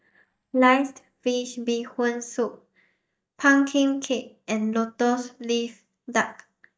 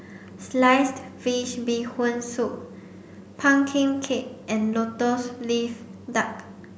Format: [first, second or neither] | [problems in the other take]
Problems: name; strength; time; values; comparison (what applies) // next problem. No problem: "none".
second | noise reduction (neural mask model DeepFilterNet 3)